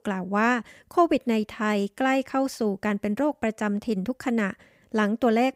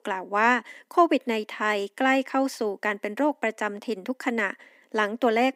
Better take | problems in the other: first | thin; very slightly; fading below 250 Hz

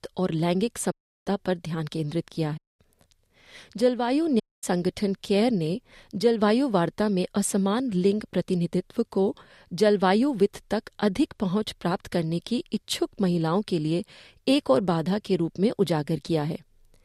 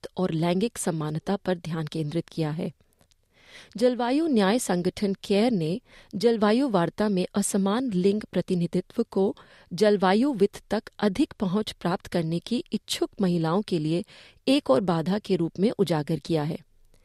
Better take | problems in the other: second | audio cutting out; at 1 s, at 2.5 s and at 4.5 s

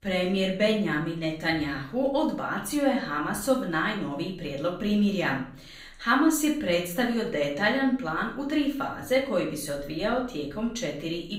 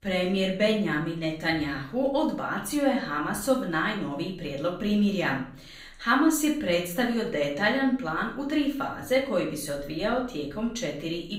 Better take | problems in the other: neither | room echo; slight; dies away in 0.4 s; the same in both // off-mic speech; far; the same in both

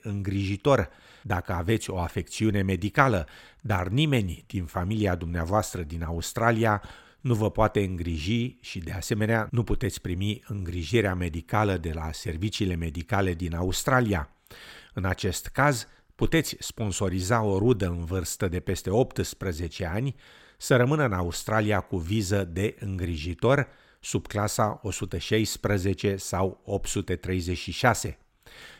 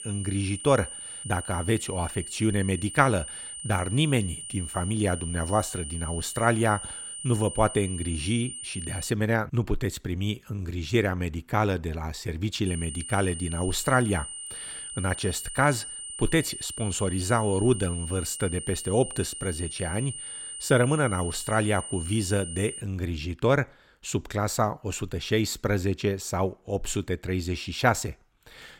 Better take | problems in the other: first | high-pitched whine; loud; until 9 s and from 13 to 23 s; 9 kHz, 8 dB below the speech

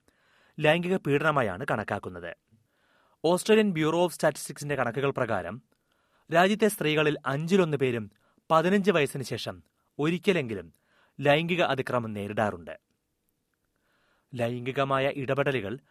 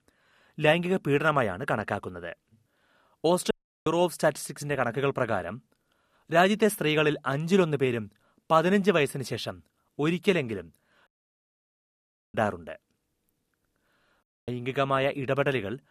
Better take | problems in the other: first | audio cutting out; at 3.5 s, at 11 s for 1.5 s and at 14 s

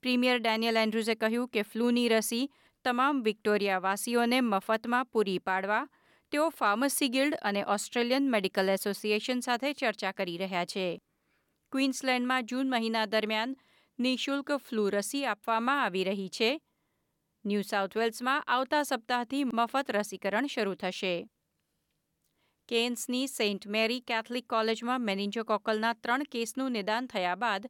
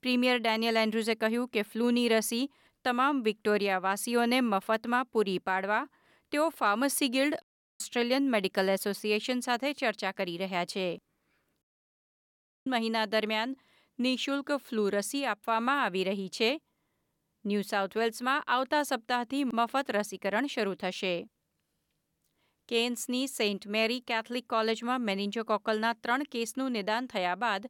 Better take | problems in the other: first | audio cutting out; at 7.5 s and at 12 s for 1 s

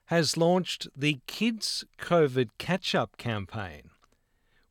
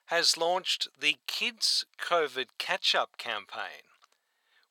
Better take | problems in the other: first | thin; very; fading below 800 Hz

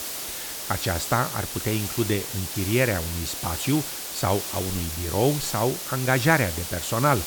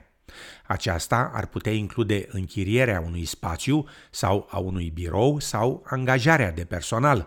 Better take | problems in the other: second | hiss; loud; throughout; 4 dB below the speech

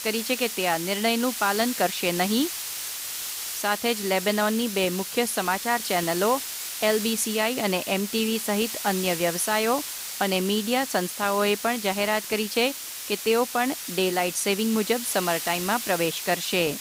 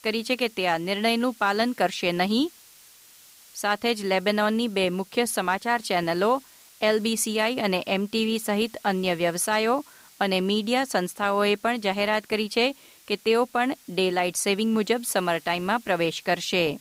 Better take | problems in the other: second | hiss; loud; throughout; 6 dB below the speech; faint in the second

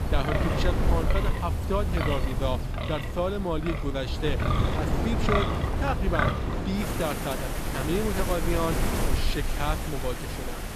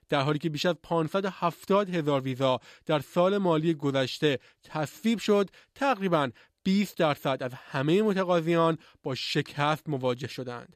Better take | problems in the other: second | wind in the background; very loud; throughout; 3 dB above the speech

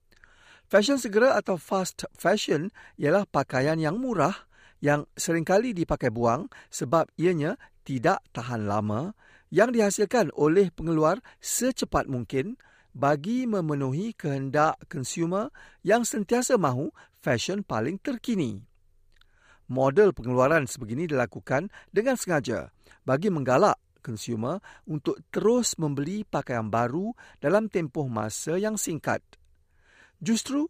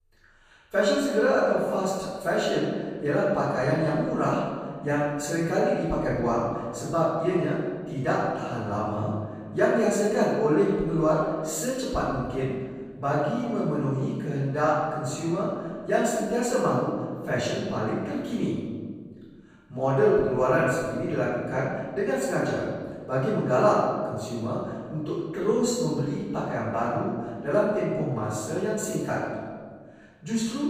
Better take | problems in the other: first | off-mic speech; far // room echo; strong; dies away in 1.5 s

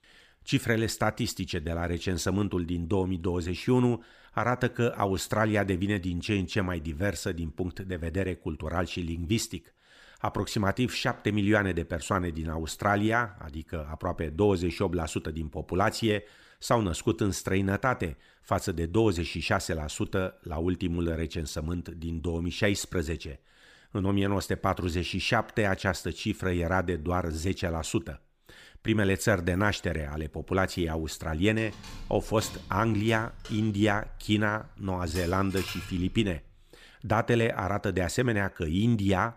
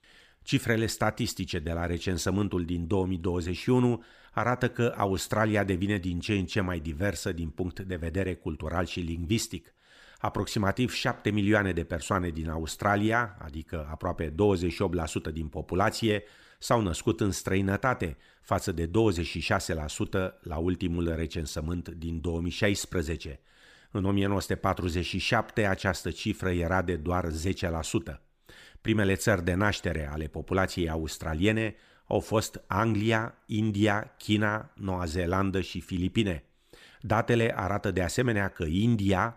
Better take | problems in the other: second | jangling keys; noticeable; from 31 to 37 s; peak 9 dB below the speech

